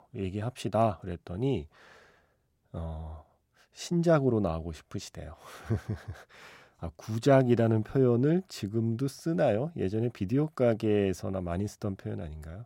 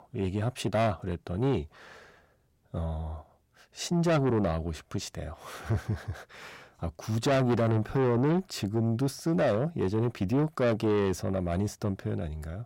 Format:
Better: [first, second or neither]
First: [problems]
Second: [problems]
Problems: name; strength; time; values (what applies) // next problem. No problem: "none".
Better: first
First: none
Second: distortion; heavy; 7 dB below the speech